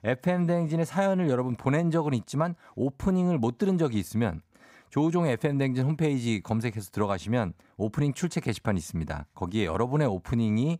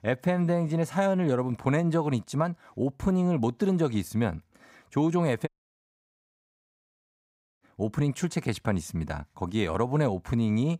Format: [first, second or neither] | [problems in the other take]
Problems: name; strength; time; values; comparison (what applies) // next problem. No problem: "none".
first | audio cutting out; at 5.5 s for 2 s